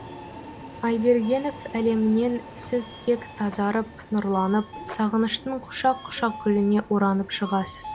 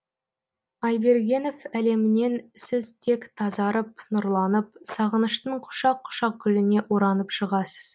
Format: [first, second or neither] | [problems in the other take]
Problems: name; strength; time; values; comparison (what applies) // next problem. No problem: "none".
second | background sound (Subway, metro, underground); 16 dB below the speech